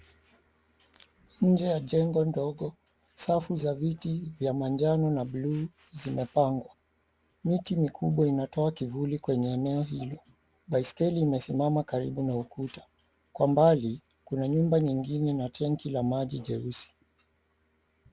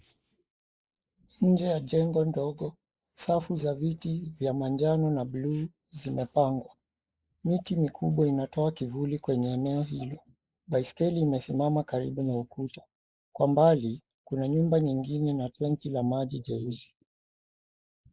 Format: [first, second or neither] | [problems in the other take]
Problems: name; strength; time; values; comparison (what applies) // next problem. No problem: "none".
first | noise reduction (neural mask model Resemble Enhance denoiser)